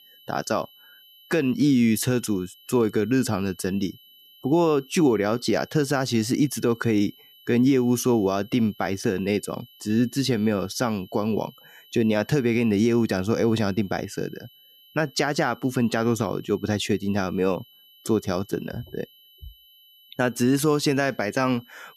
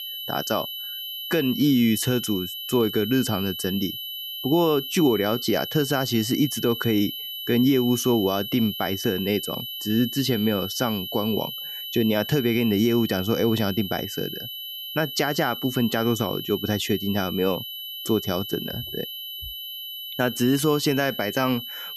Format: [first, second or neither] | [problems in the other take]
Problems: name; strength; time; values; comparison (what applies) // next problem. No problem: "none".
first | high-pitched whine; loud; throughout; 3 kHz, 7 dB below the speech; faint in the first